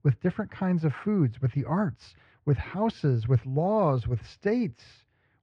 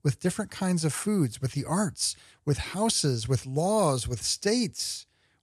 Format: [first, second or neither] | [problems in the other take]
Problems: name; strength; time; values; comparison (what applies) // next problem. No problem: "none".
second | muffled; very; fading above 2 kHz